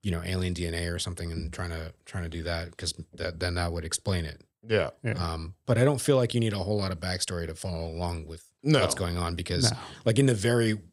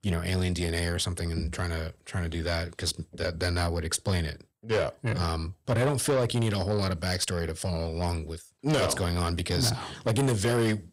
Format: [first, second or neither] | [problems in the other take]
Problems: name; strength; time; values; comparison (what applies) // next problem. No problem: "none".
first | distortion; heavy; 8 dB below the speech